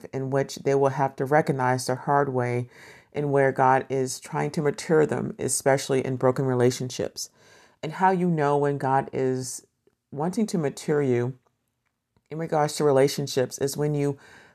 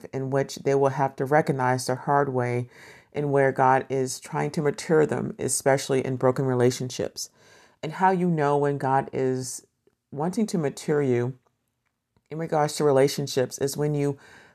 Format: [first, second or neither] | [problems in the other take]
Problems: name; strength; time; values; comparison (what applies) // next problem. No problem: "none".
neither | none